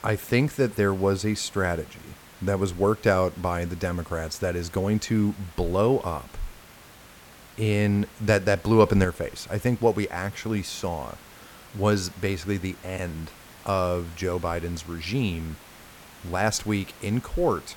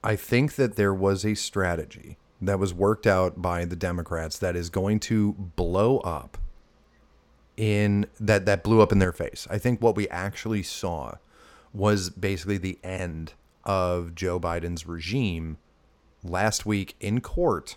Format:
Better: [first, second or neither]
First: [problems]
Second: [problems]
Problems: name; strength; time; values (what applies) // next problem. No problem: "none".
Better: second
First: hiss; faint; throughout; 20 dB below the speech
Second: none